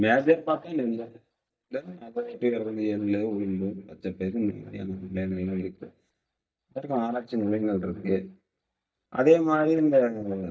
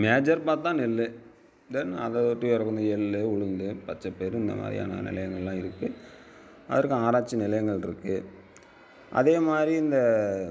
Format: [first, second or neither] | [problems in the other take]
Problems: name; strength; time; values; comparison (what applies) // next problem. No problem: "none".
second | noise reduction (neural mask model DeepFilterNet 3)